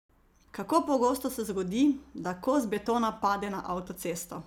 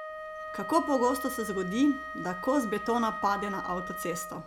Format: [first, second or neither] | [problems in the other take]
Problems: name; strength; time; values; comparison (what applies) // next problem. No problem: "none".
first | background sound (Wind instrument, woodwind instrument); 8 dB below the speech